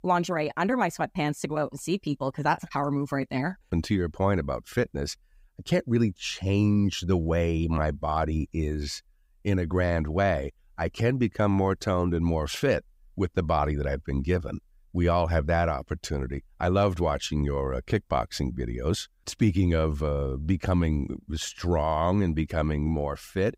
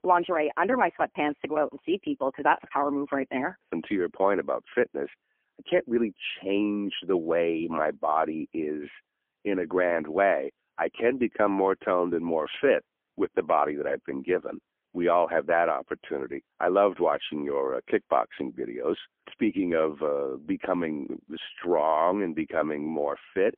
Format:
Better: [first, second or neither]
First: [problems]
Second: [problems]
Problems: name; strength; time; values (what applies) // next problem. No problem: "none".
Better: first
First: none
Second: phone-call audio; poor line; nothing above 3.5 kHz